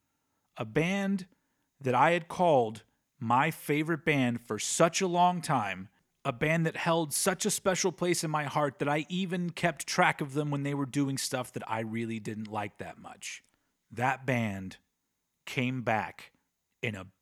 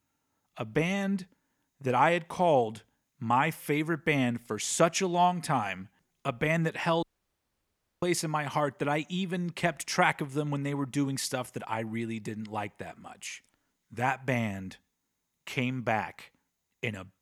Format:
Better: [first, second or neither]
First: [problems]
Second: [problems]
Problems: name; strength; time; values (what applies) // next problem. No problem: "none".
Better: first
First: none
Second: audio cutting out; at 7 s for 1 s